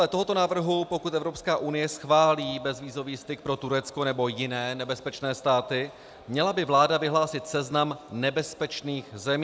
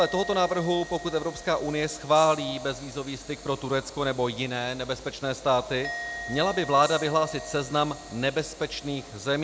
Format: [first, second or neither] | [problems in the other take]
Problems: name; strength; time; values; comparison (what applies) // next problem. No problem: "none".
first | background sound (Train + Musical instrument); 14 dB below the speech